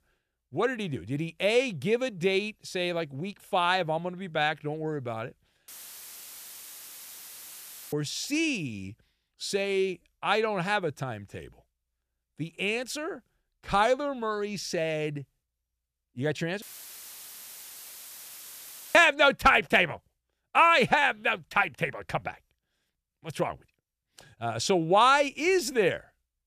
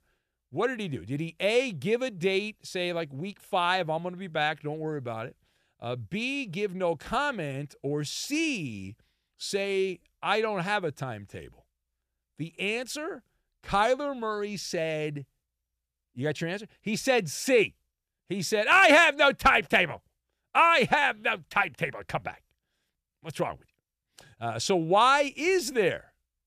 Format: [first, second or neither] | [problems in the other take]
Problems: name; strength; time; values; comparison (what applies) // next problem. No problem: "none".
second | audio cutting out; filled with static; at 5.5 s for 2 s and at 17 s for 2.5 s